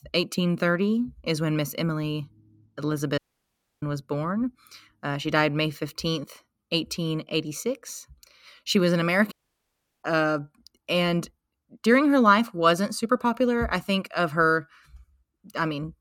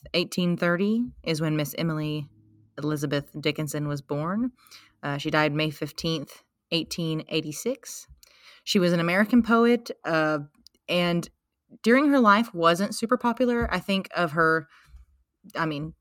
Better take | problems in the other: second | audio cutting out; at 3 s for 0.5 s and at 9.5 s for 0.5 s

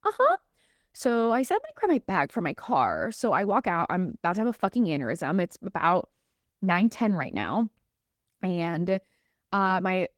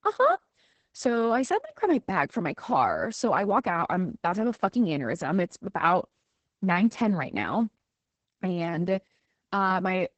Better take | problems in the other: first | garbled, watery; badly; nothing above 8 kHz; slightly in the first

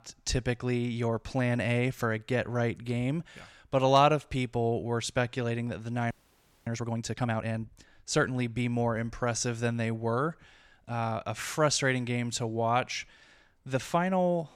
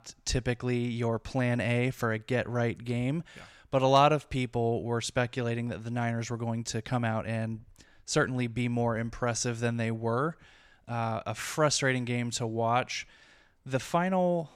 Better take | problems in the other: second | audio freezing; at 6 s for 0.5 s

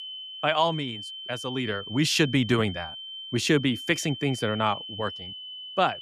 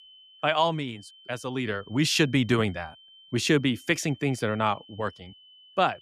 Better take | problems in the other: second | high-pitched whine; loud; throughout; 3 kHz, 10 dB below the speech; faint in the second

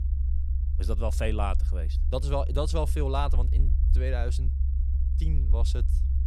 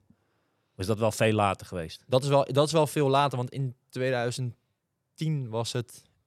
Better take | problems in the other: second | low rumble; noticeable; throughout; 15 dB below the speech

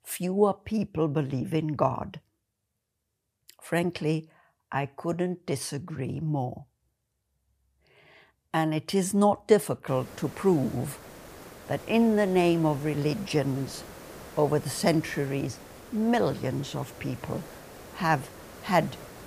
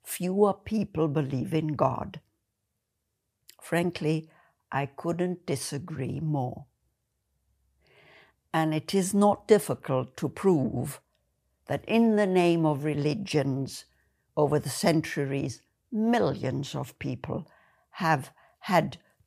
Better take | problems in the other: second | hiss; noticeable; from 10 s on; 15 dB below the speech

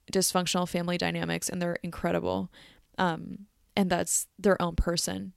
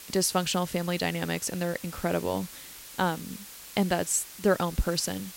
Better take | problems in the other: first | hiss; noticeable; throughout; 15 dB below the speech

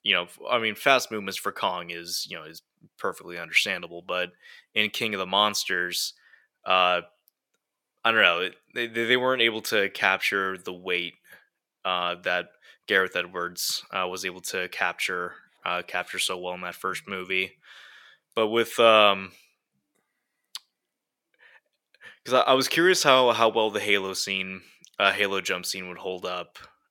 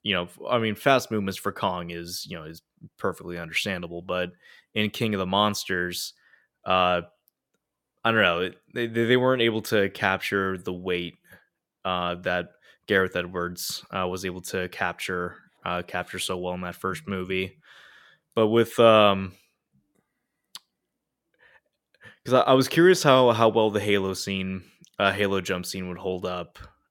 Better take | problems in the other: second | thin; somewhat; fading below 600 Hz

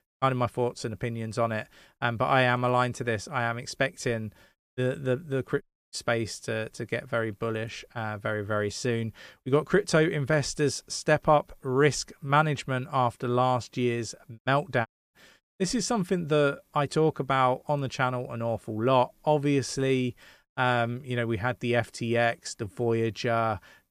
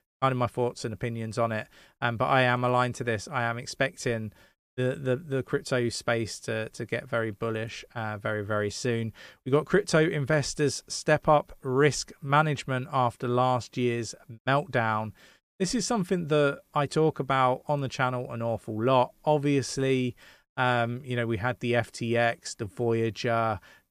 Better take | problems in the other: second | audio cutting out; at 5.5 s and at 15 s

